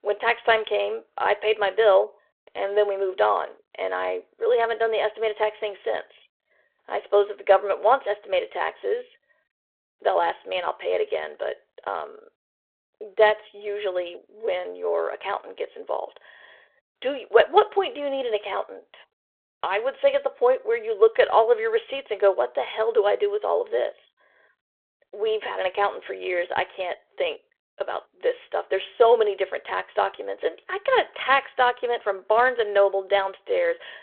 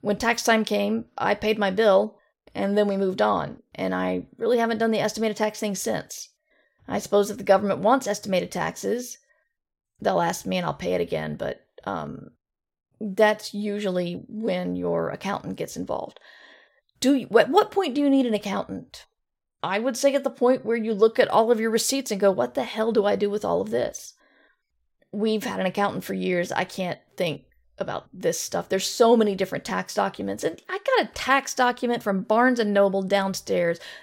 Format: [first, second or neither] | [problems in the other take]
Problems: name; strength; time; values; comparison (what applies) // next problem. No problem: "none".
second | phone-call audio